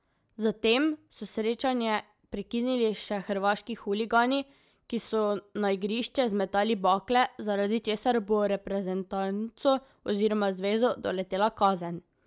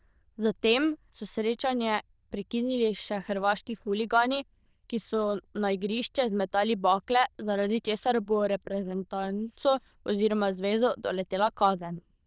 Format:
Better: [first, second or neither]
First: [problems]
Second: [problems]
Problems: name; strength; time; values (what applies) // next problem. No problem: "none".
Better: first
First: none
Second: noise reduction (neural diffusion model UNIVERSE++)